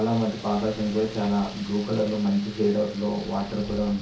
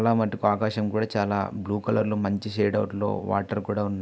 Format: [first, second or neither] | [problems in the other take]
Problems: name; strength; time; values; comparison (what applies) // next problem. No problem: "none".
second | background sound (Rain); 16 dB below the speech // room echo; dies away in 0.6 s